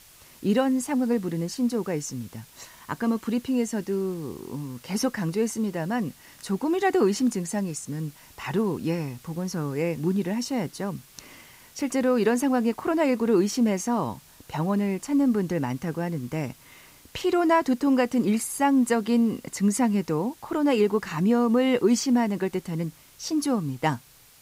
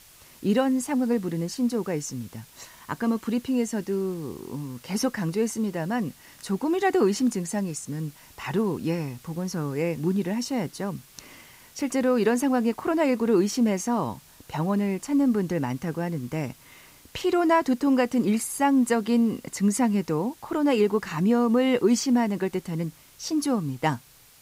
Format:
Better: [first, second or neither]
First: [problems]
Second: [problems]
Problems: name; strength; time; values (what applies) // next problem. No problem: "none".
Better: neither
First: hiss; faint; throughout; 25 dB below the speech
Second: hiss; faint; throughout; 25 dB below the speech